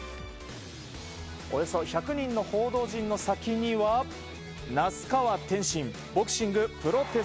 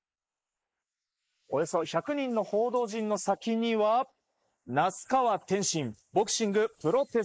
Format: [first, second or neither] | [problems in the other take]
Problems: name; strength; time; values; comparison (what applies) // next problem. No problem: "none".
first | noise reduction (neural mask model Resemble Enhance denoiser)